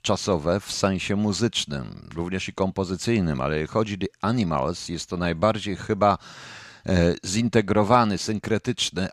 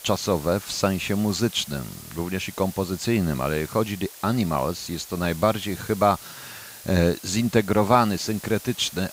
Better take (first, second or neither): first